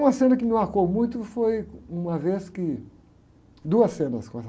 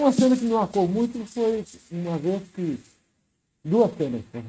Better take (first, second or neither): first